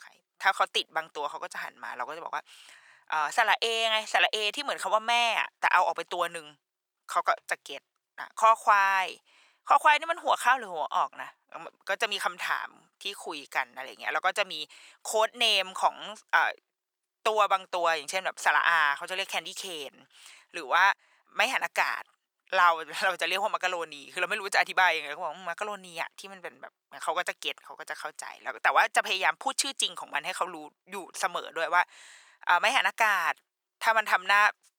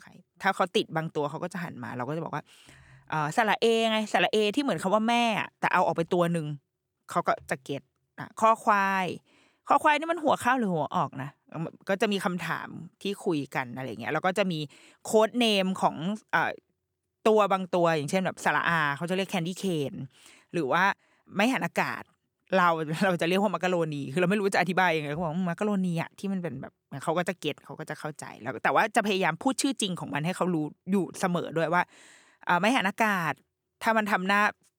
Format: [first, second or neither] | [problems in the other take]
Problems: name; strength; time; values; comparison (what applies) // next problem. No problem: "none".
second | thin; very; fading below 950 Hz